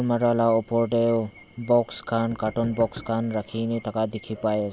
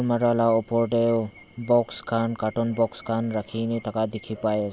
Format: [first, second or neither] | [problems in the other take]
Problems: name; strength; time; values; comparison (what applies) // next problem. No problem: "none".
second | background sound (Knock); 19 dB below the speech